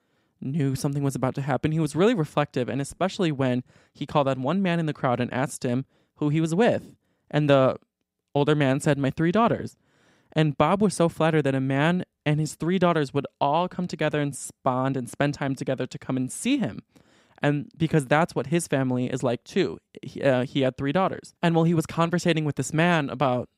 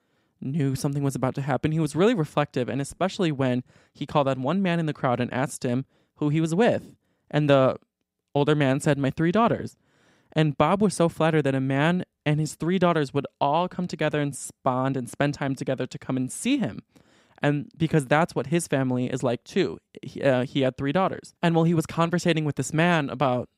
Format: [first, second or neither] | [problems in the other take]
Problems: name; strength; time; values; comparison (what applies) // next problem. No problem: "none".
neither | none